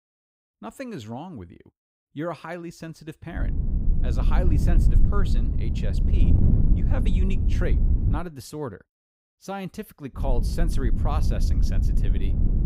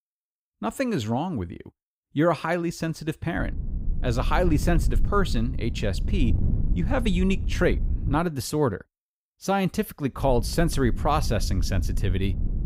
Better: second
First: wind noise on the microphone; heavy; from 3.5 to 8 s and from 10 s on; 3 dB below the speech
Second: wind noise on the microphone; occasional gusts; from 3.5 to 8 s and from 10 s on; 15 dB below the speech

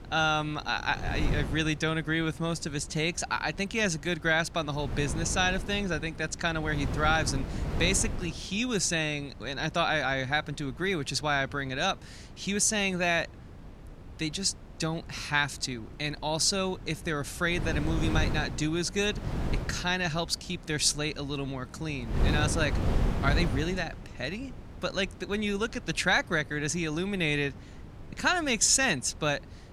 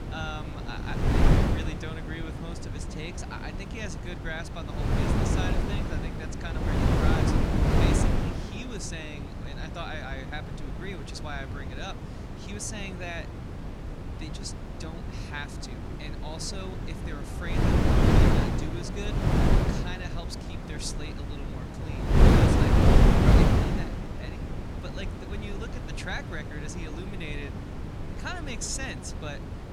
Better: first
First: wind noise on the microphone; occasional gusts; 15 dB below the speech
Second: wind noise on the microphone; heavy; 5 dB above the speech

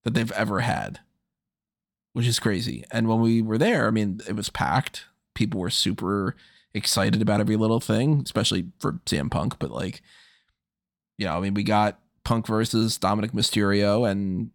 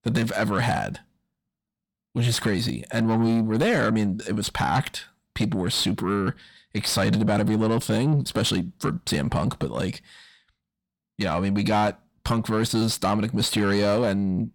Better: first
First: none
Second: distortion; slight; 10 dB below the speech

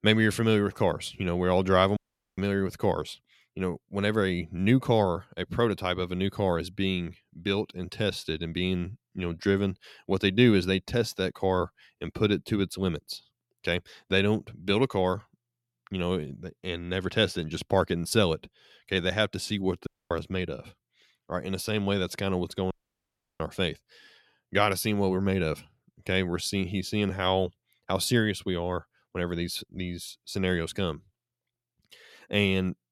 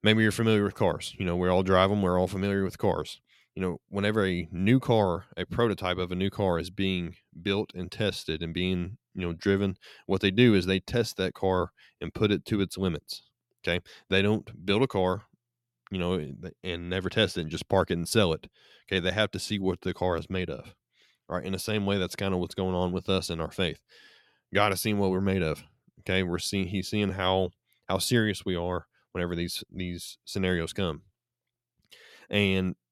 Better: second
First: audio cutting out; at 2 s, at 20 s and at 23 s for 0.5 s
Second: none

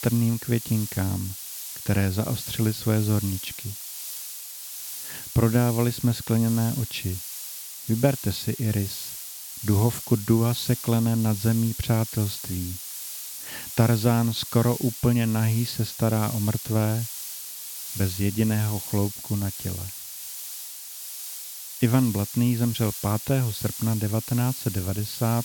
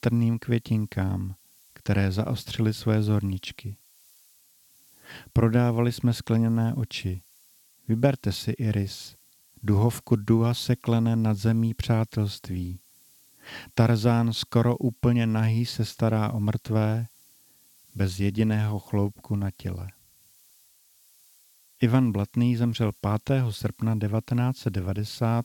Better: second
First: hiss; loud; throughout; 8 dB below the speech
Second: hiss; faint; throughout; 30 dB below the speech

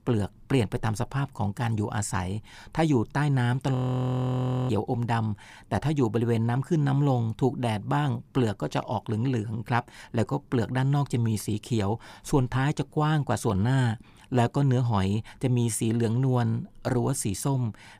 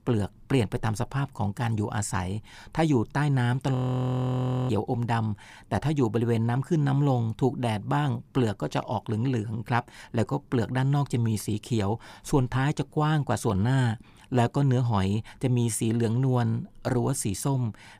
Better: neither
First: audio freezing; at 4 s for 1 s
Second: audio freezing; at 4 s for 1 s

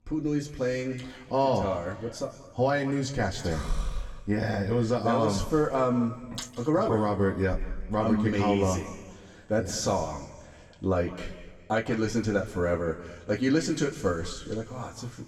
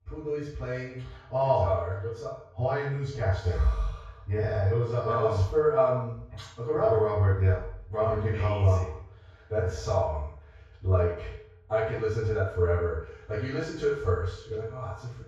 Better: first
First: room echo; slight; dies away in 1.5 s // off-mic speech; somewhat distant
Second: room echo; strong; dies away in 0.7 s // off-mic speech; far

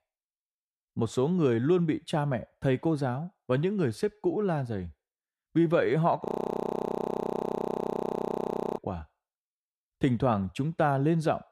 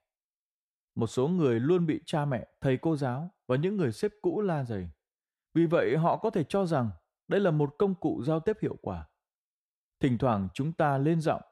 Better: second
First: audio freezing; at 6.5 s for 2.5 s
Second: none

